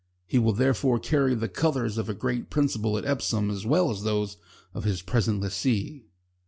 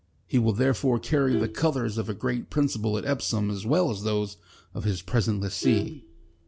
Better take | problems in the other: first | background sound (Vehicle horn, car horn, honking); 12 dB below the speech

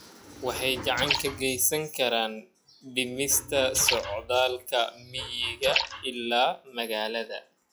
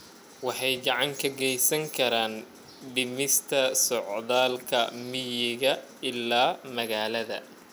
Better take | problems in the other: second | noise reduction (classical method log-MMSE)

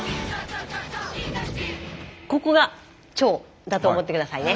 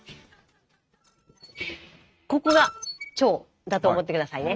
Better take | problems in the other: first | noise reduction (neural mask model RNNoise)

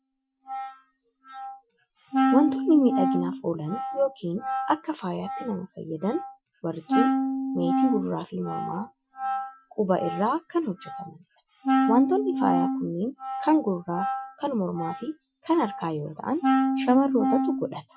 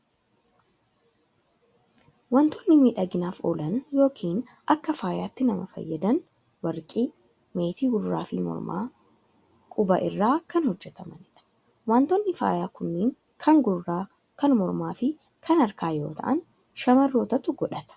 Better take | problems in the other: second | noise reduction (classical method Wiener filter)

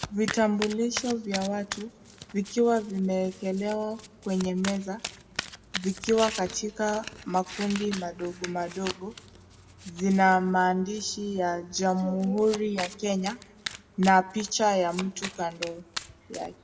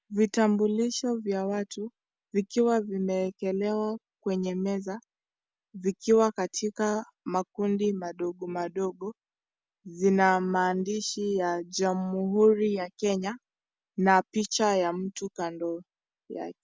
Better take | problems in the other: second | background sound (Domestic sounds, home sounds); 13 dB below the speech // room echo; dies away in 0.7 s

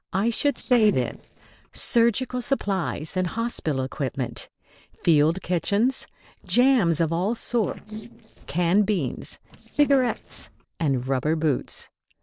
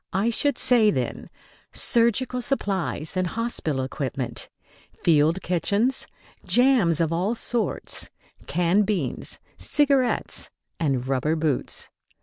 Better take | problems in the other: second | noise reduction (neural separator model SepFormer DNS4)

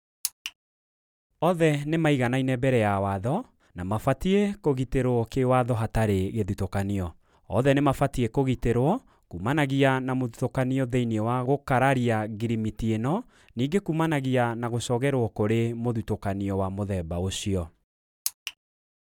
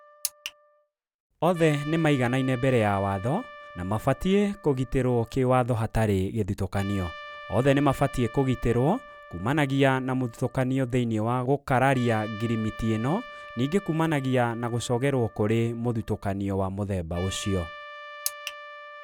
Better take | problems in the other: first | background sound (Trumpet); 18 dB below the speech

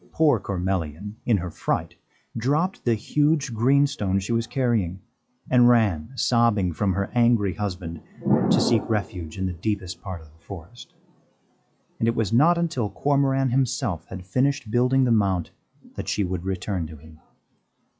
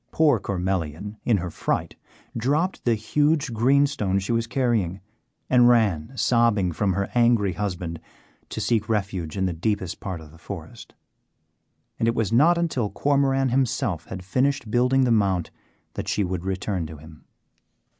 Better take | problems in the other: second | noise reduction (classical method log-MMSE)

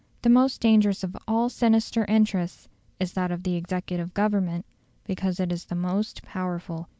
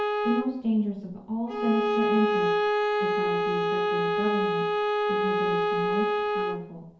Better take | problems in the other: first | background sound (Bowed string instrument); 5 dB above the speech // room echo; dies away in 2.2 s

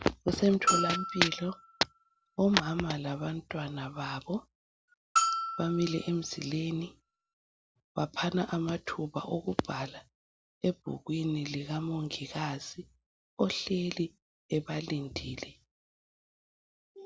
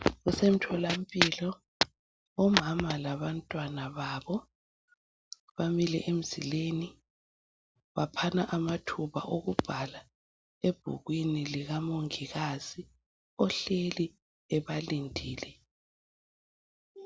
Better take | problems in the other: second | background sound (Bell); 1 dB below the speech

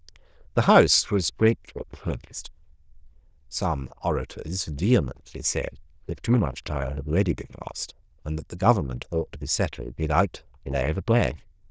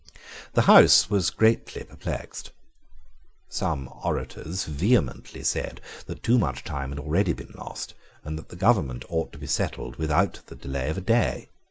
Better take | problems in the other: second | noise reduction (neural diffusion model UNIVERSE++)

